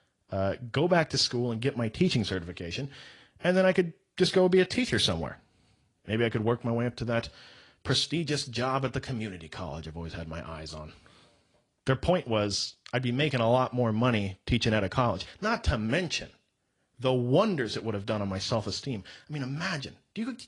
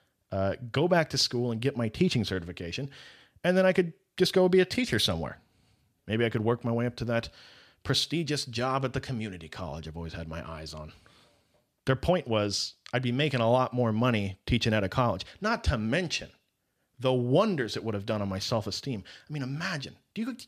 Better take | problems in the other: second | garbled, watery; slightly; nothing above 10 kHz

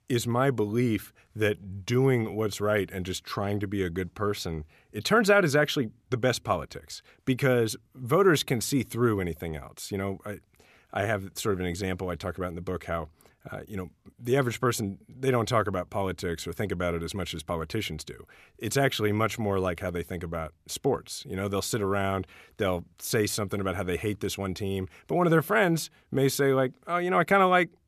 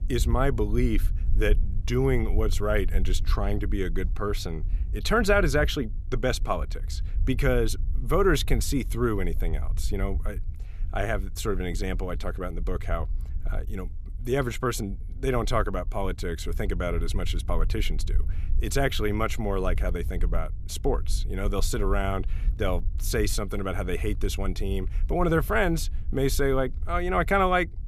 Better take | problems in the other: first | low rumble; faint; throughout; 25 dB below the speech

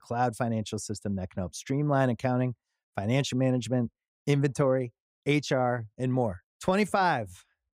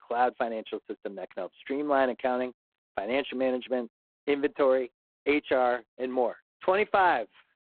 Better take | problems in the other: first | phone-call audio; poor line; nothing above 4 kHz

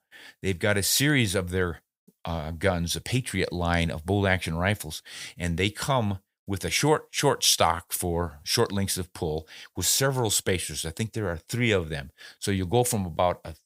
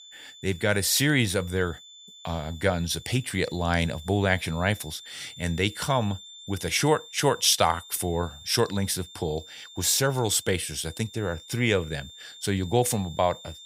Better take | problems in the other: first | high-pitched whine; noticeable; throughout; 3.5 kHz, 20 dB below the speech

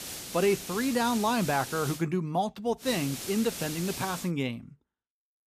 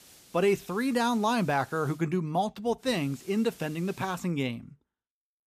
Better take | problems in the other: second | hiss; loud; until 2 s and from 3 to 4.5 s; 8 dB below the speech; faint in the second

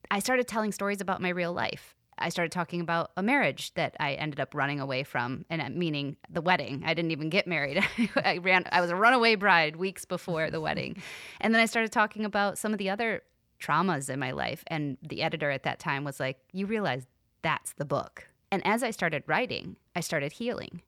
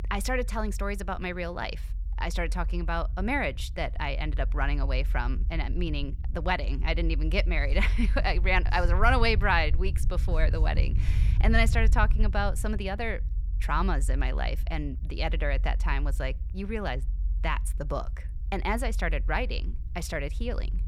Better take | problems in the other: first | low rumble; faint; throughout; 20 dB below the speech

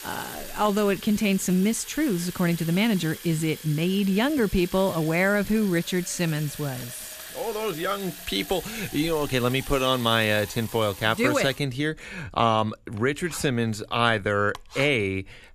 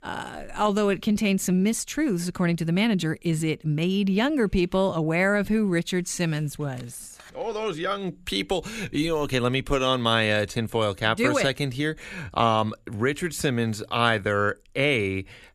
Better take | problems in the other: second | household noises; noticeable; throughout; 15 dB below the speech

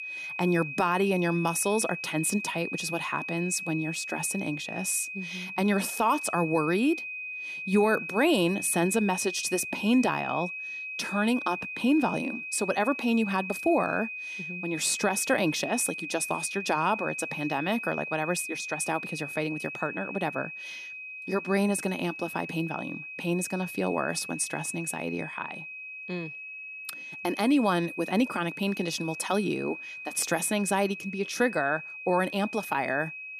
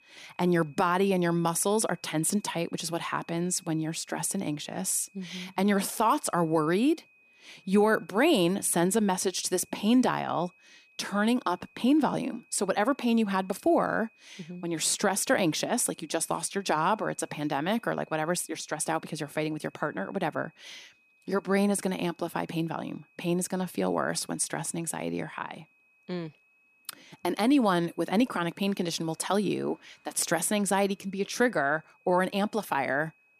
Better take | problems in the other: second | high-pitched whine; loud; throughout; 2.5 kHz, 7 dB below the speech; faint in the second

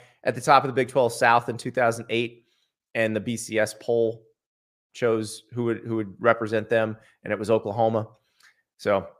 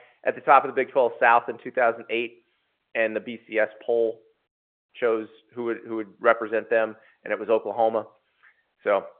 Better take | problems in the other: first | phone-call audio

